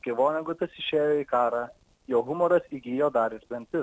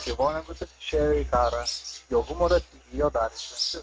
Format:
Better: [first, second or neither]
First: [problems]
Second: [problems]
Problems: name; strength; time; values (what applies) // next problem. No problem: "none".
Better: first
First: none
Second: noise reduction (neural mask model RNNoise)